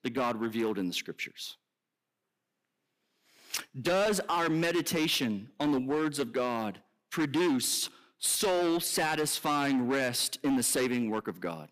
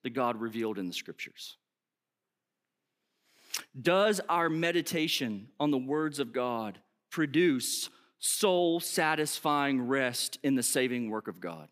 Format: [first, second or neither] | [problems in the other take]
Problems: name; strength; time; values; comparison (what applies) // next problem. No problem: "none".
second | distortion; heavy; 12% of the sound clipped